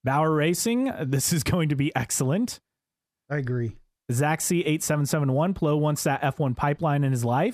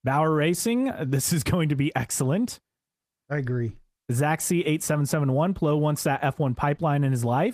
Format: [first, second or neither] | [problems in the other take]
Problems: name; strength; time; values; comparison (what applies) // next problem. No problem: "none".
first | garbled, watery; slightly; nothing above 14.5 kHz